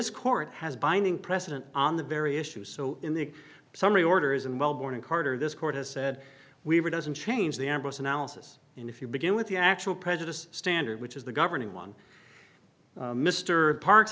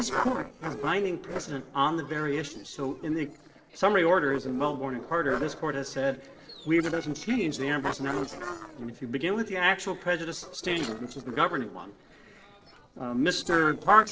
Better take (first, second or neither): first